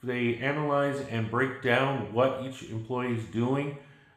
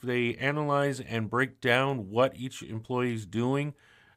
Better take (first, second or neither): second